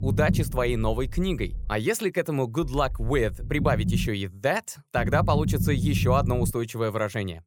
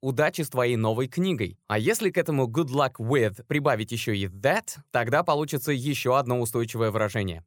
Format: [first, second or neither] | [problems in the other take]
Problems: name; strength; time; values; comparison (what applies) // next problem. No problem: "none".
second | low rumble; noticeable; until 1.5 s, from 2.5 to 4 s and from 5 to 6.5 s; 10 dB below the speech